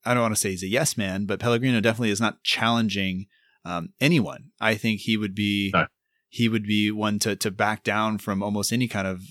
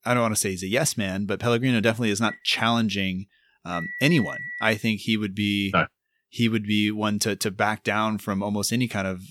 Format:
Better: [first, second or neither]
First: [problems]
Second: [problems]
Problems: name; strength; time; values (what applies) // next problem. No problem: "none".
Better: first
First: none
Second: phone ringing; noticeable; from 2.5 to 5 s; peak 8 dB below the speech